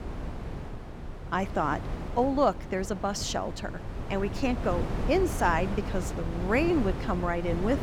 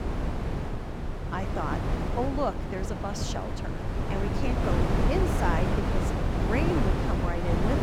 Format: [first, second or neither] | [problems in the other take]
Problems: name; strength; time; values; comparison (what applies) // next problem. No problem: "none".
first | wind noise on the microphone; heavy; as loud as the speech; occasional gusts in the first